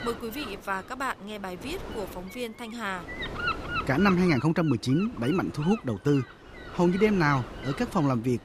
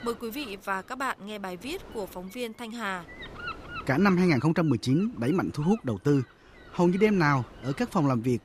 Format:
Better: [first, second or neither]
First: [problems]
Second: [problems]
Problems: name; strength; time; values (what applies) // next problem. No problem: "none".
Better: second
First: wind noise on the microphone; heavy; 6 dB below the speech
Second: wind noise on the microphone; occasional gusts; 15 dB below the speech